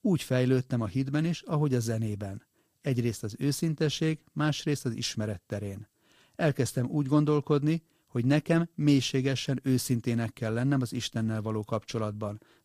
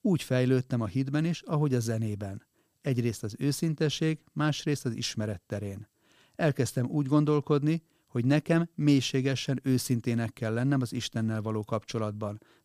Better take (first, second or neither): second